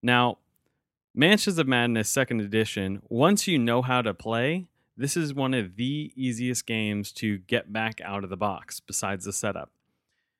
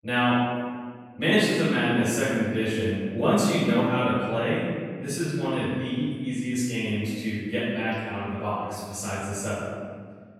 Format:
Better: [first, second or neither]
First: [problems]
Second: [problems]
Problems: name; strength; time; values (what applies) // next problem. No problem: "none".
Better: first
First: none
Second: off-mic speech; far // room echo; strong; dies away in 1.7 s